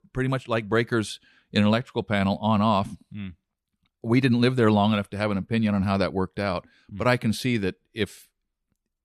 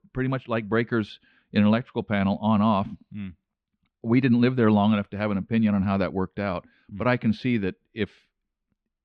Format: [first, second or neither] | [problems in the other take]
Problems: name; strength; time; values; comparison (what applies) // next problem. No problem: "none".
first | muffled; slightly; fading above 3 kHz